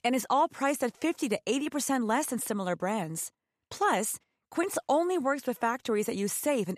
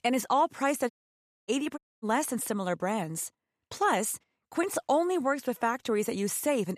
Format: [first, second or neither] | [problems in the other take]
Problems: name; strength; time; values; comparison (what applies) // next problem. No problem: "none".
first | audio cutting out; at 1 s for 0.5 s and at 2 s